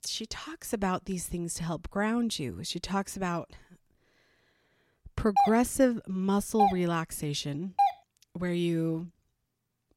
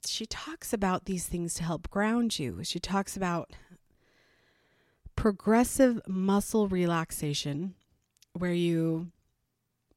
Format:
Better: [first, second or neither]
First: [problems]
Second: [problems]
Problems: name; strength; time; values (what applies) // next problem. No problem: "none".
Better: second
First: doorbell; loud; from 5.5 to 8 s; peak 3 dB above the speech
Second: none